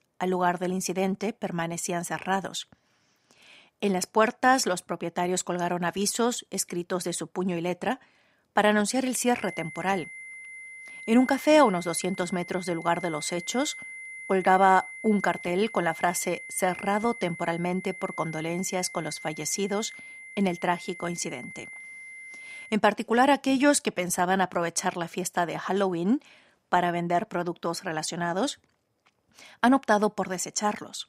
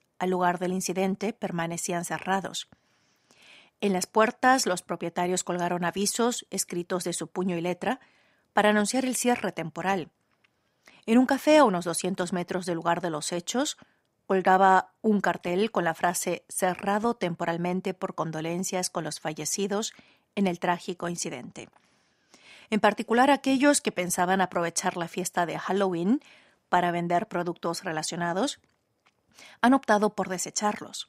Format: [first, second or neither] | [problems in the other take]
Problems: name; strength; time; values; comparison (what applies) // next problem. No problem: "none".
second | high-pitched whine; noticeable; from 9.5 to 23 s; 2 kHz, 15 dB below the speech